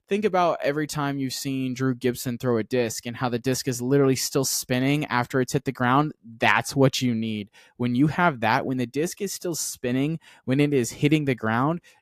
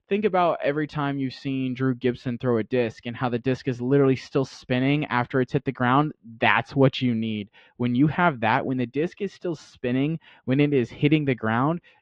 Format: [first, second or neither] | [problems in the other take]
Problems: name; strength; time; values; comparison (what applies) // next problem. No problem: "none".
first | muffled; very; fading above 3 kHz